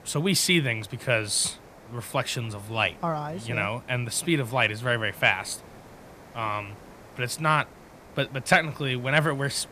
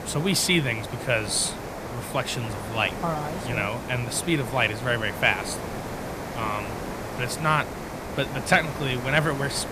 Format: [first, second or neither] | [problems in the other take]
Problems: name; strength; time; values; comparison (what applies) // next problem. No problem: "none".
first | hiss; loud; throughout; 8 dB below the speech; faint in the first